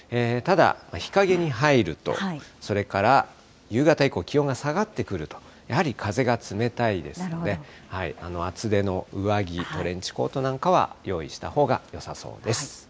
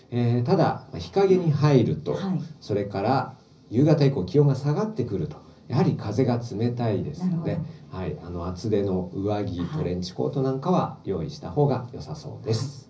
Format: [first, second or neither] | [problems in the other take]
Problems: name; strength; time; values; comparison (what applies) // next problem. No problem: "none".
first | room echo; dies away in 0.5 s